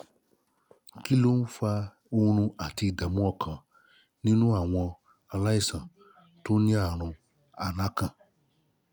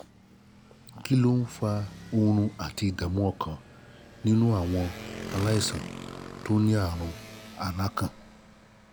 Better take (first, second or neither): first